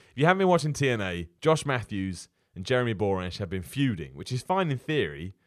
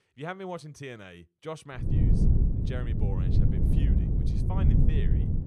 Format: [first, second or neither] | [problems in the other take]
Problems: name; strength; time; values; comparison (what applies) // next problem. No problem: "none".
first | wind noise on the microphone; heavy; from 2 s on; 2 dB above the speech